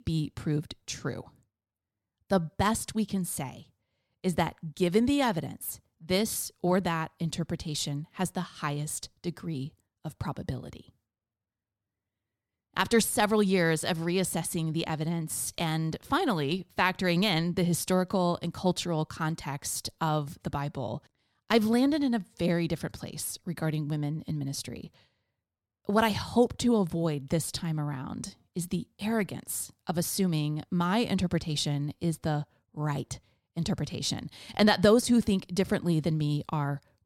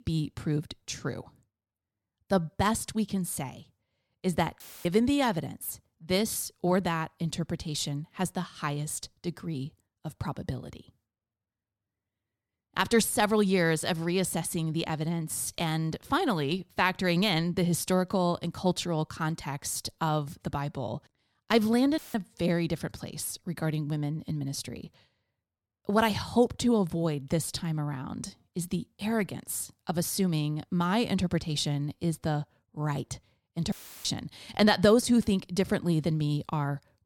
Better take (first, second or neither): first